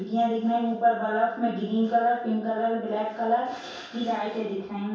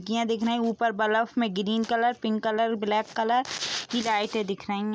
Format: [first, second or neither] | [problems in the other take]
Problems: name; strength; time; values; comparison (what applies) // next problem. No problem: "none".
second | room echo; dies away in 0.7 s